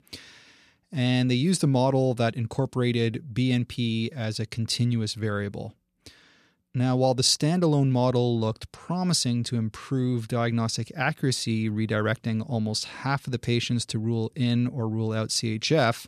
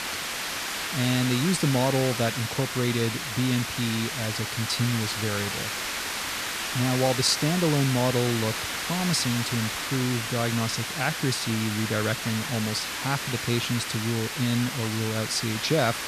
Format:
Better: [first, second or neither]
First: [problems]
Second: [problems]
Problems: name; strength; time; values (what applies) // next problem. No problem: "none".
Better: first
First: none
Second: hiss; loud; throughout; 3 dB below the speech